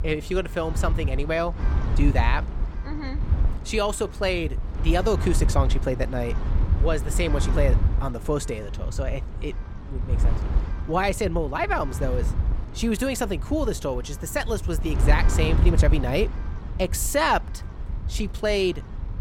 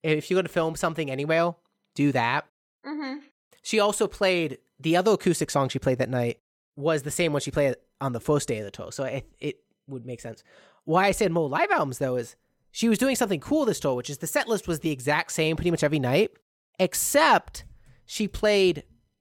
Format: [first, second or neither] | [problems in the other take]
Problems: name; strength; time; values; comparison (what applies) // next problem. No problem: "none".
second | wind noise on the microphone; occasional gusts; 15 dB below the speech